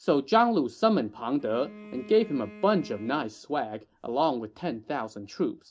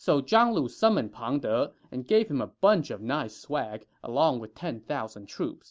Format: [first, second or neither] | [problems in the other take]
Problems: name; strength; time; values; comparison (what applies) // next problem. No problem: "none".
second | background sound (Bowed string instrument); 20 dB below the speech // room echo; dies away in 0.3 s